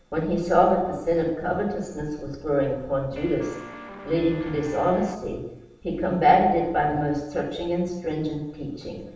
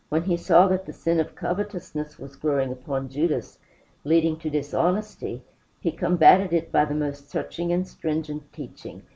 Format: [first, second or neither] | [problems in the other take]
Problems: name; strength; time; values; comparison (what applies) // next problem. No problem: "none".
second | background sound (Guitar); 15 dB below the speech // room echo; dies away in 0.8 s